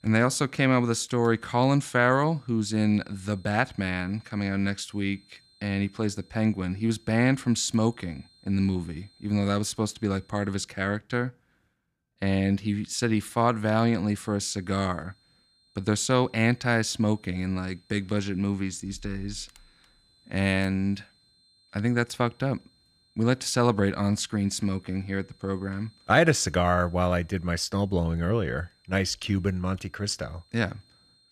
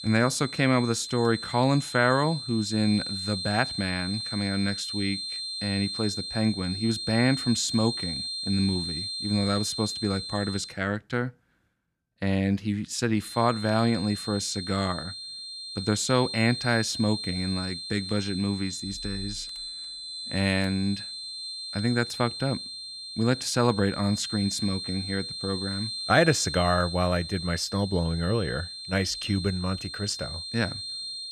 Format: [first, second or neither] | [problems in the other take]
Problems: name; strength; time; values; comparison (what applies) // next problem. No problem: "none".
first | high-pitched whine; loud; until 11 s and from 13 s on; 4 kHz, 6 dB below the speech; faint in the first